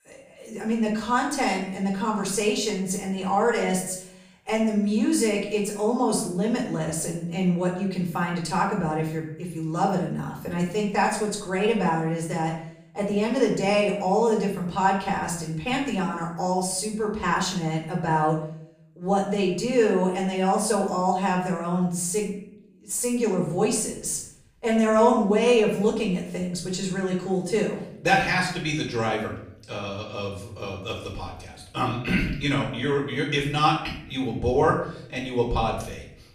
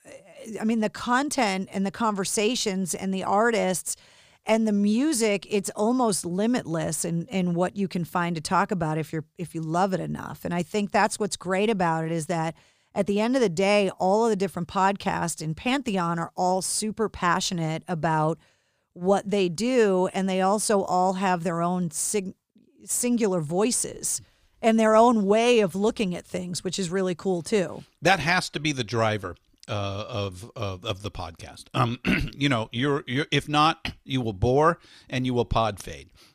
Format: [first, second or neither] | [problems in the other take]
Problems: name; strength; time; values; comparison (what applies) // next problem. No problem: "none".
second | room echo; noticeable; dies away in 0.6 s // off-mic speech; far